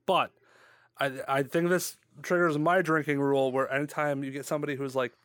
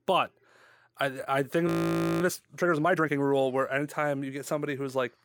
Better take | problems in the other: first | audio freezing; at 1.5 s for 0.5 s

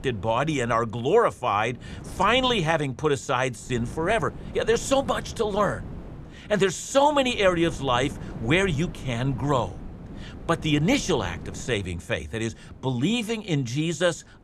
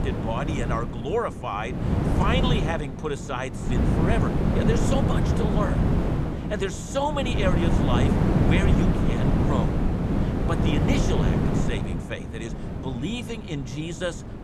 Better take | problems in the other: first | wind noise on the microphone; heavy; 1 dB below the speech; occasional gusts in the first

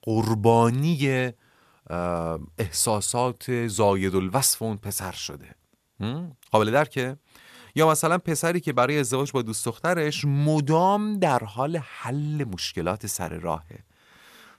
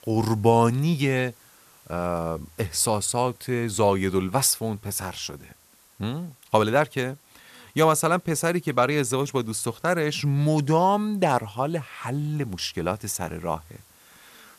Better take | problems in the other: first | hiss; faint; throughout; 30 dB below the speech

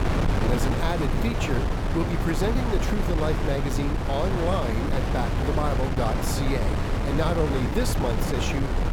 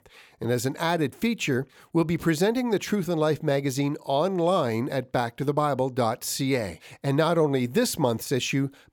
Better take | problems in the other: second | wind noise on the microphone; heavy; as loud as the speech

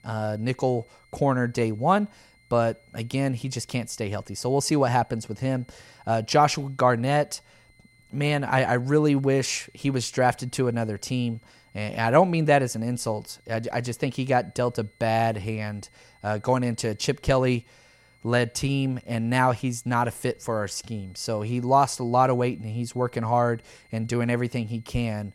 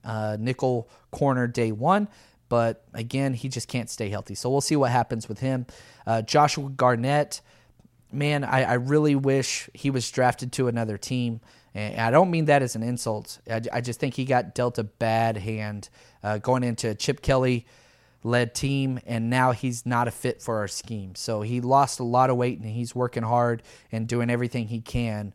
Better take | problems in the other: second | high-pitched whine; faint; throughout; 2 kHz, 35 dB below the speech

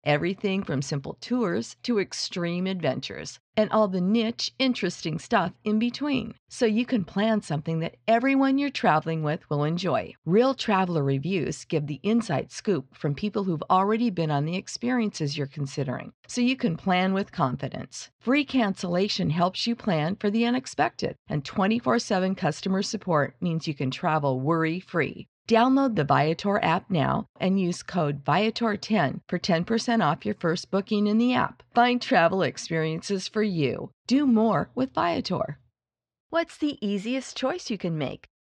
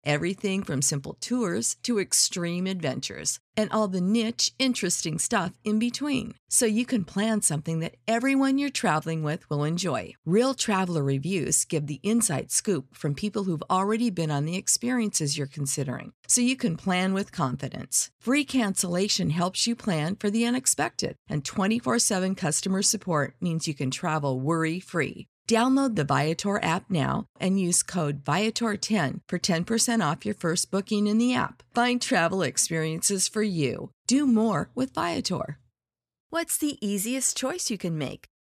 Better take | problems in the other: second | muffled; slightly; fading above 4.5 kHz

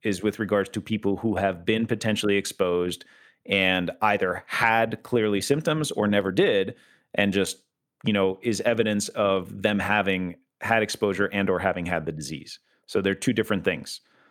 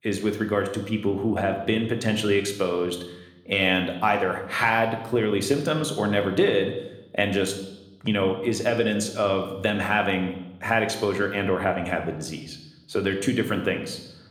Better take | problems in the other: first | room echo; slight; dies away in 0.8 s

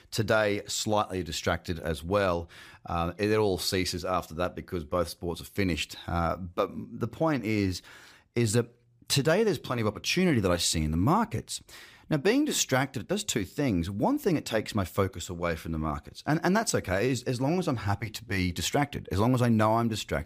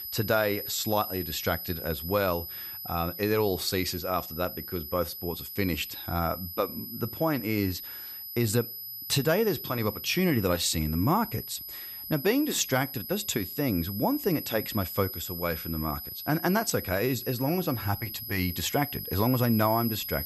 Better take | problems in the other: first | high-pitched whine; loud; throughout; 12 kHz, 7 dB below the speech

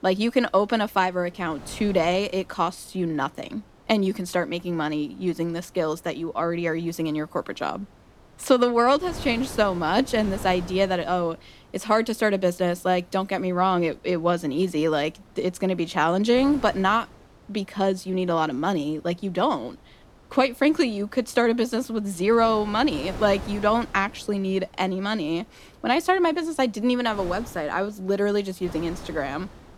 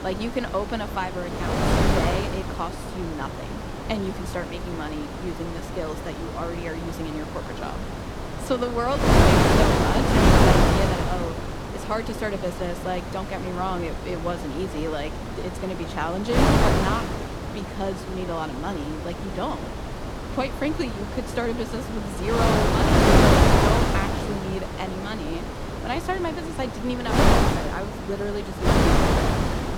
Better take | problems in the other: first | wind noise on the microphone; heavy; 4 dB above the speech; occasional gusts in the first

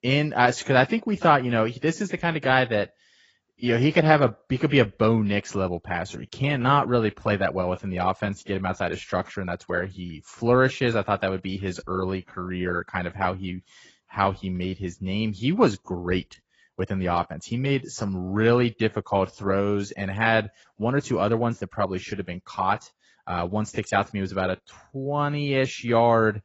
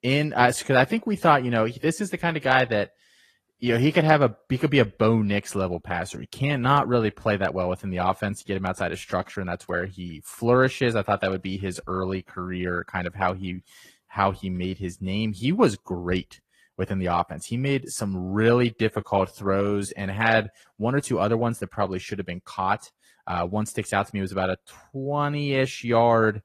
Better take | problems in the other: second | garbled, watery; badly; nothing above 7.5 kHz; slightly in the second

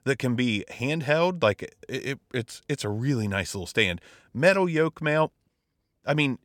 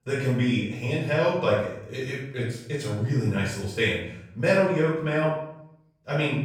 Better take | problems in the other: first | off-mic speech; far // room echo; noticeable; dies away in 0.7 s

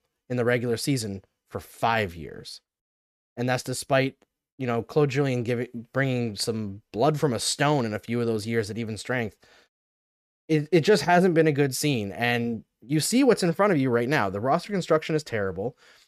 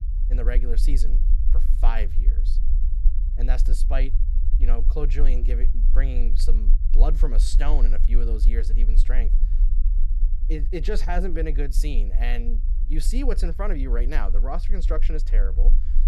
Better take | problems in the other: first | low rumble; noticeable; throughout; 15 dB below the speech

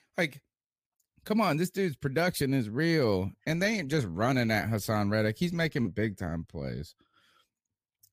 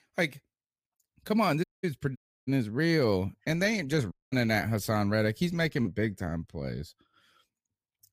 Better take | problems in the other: first | audio cutting out; at 1.5 s, at 2 s and at 4 s

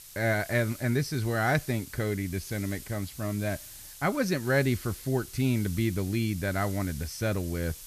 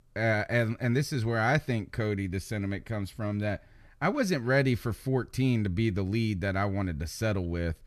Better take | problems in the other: second | hiss; noticeable; throughout; 15 dB below the speech

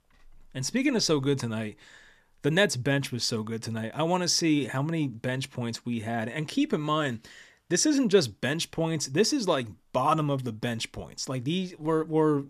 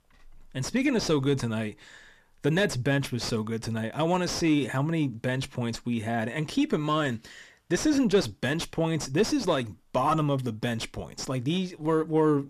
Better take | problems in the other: first | distortion; slight; 9 dB below the speech

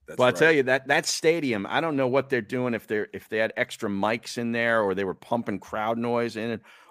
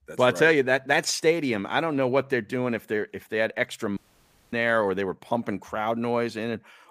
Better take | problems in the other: first | audio cutting out; at 4 s for 0.5 s

